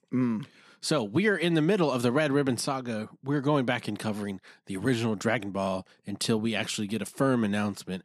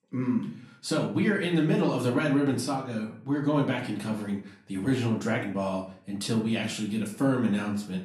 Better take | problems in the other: first | off-mic speech; far // room echo; slight; dies away in 0.4 s

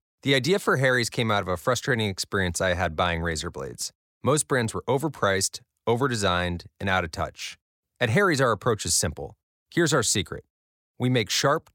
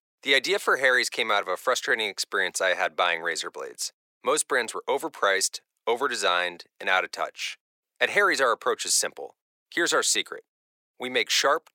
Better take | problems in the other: first | thin; very; fading below 400 Hz

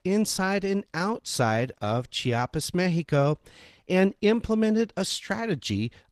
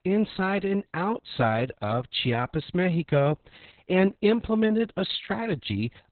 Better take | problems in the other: first | garbled, watery; badly; nothing above 4 kHz; slightly in the first

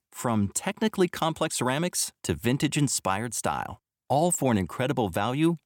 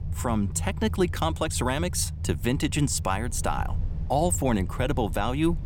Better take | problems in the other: first | low rumble; noticeable; throughout; 20 dB below the speech

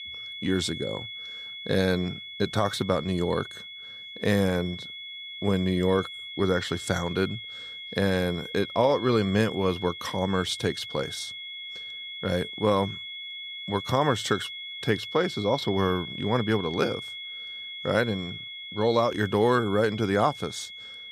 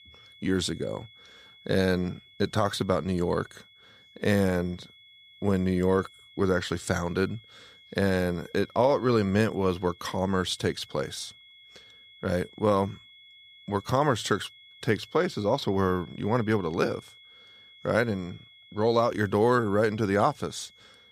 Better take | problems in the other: second | high-pitched whine; loud; throughout; 3.5 kHz, 10 dB below the speech; faint in the second

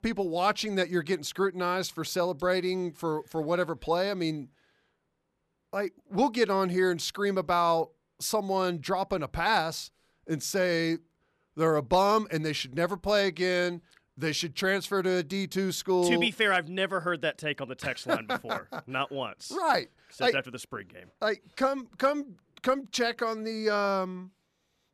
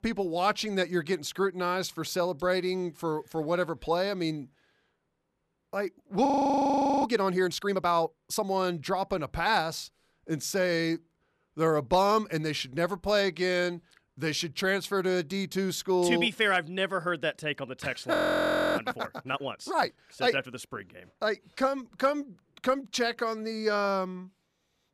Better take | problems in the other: first | audio freezing; at 6.5 s for 1 s and at 18 s for 0.5 s

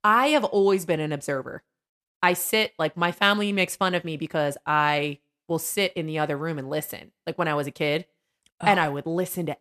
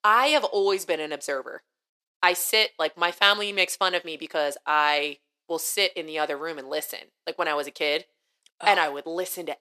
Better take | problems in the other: first | thin; somewhat; fading below 400 Hz

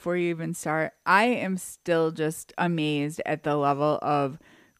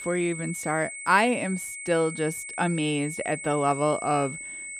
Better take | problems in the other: first | high-pitched whine; loud; throughout; 2 kHz, 9 dB below the speech

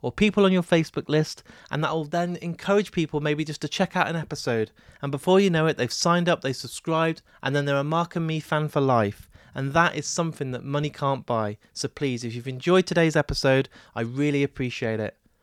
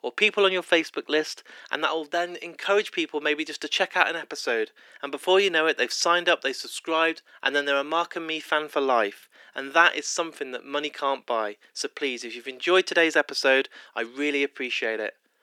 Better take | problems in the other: first | thin; somewhat; fading below 300 Hz

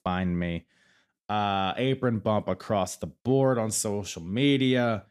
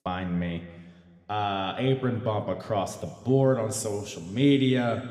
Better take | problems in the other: first | room echo; very slight; dies away in 1.8 s

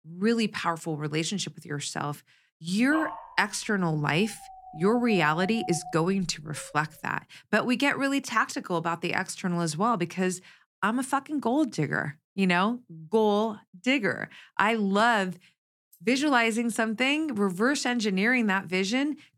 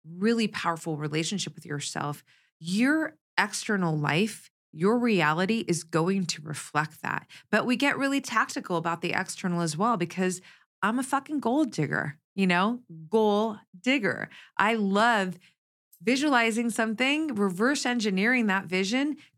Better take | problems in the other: second | dog barking; noticeable; from 3 to 6.5 s; peak 9 dB below the speech

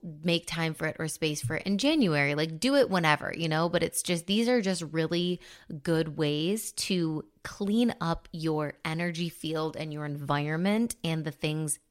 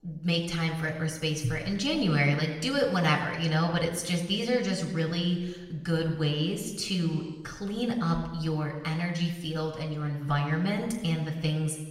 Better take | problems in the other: first | room echo; slight; dies away in 1.1 s // off-mic speech; somewhat distant

